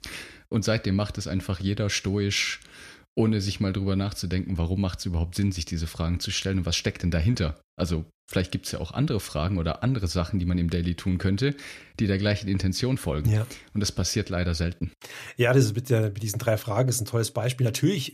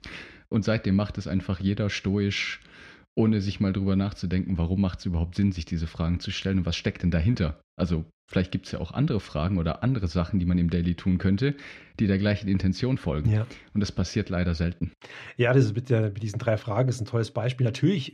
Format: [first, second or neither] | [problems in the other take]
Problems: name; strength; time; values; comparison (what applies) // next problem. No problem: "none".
first | muffled; very slightly; fading above 3.5 kHz